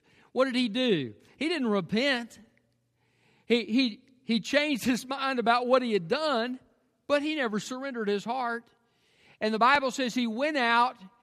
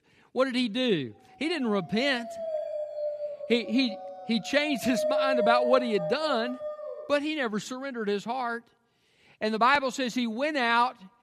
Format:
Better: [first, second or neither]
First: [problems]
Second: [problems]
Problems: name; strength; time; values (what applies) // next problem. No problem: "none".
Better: first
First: none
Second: dog barking; loud; from 1.5 to 7 s; peak 2 dB above the speech